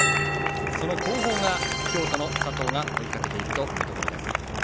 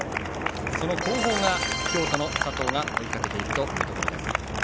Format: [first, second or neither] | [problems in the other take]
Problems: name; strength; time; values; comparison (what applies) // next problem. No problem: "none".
second | background sound (Bell); 4 dB below the speech